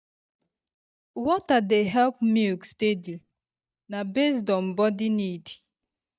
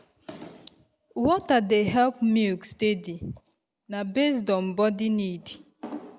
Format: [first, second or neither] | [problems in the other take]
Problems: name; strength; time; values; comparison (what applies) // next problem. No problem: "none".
second | noise reduction (neural mask model DeepFilterNet 3)